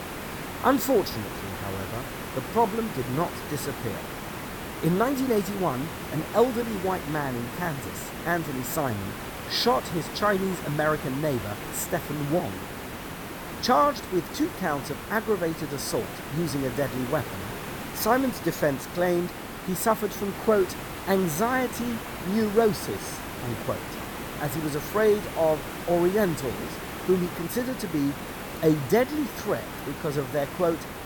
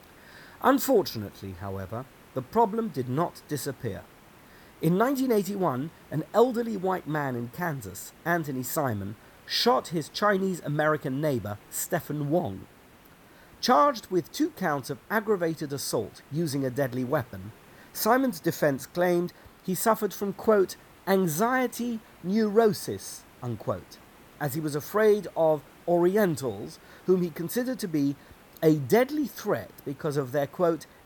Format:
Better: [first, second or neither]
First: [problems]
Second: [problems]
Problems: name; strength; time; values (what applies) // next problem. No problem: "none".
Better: second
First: hiss; loud; throughout; 8 dB below the speech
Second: hiss; faint; throughout; 25 dB below the speech